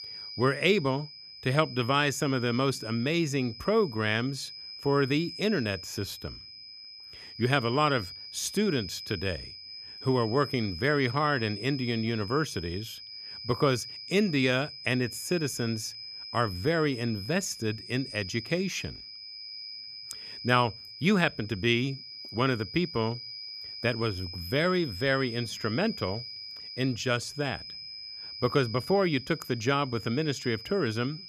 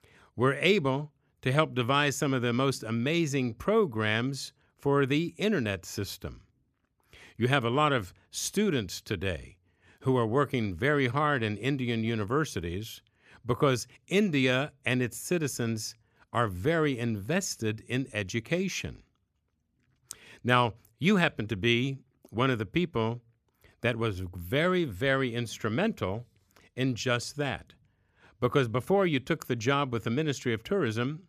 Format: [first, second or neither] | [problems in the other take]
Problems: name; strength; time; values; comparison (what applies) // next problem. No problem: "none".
second | high-pitched whine; noticeable; throughout; 5 kHz, 10 dB below the speech